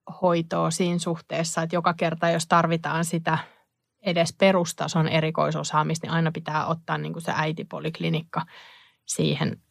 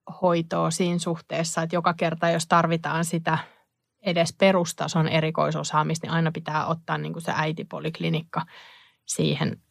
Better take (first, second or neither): neither